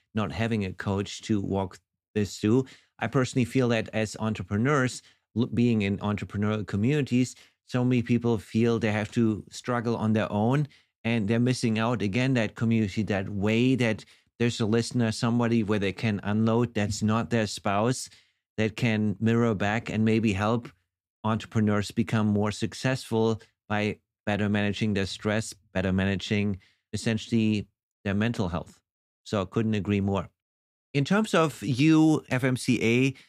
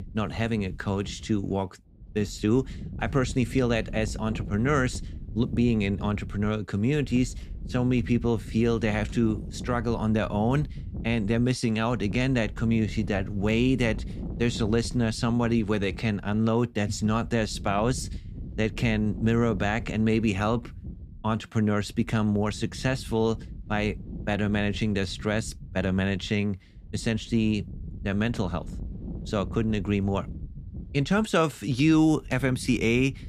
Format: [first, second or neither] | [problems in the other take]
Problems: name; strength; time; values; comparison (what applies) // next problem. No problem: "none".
first | wind noise on the microphone; occasional gusts; 20 dB below the speech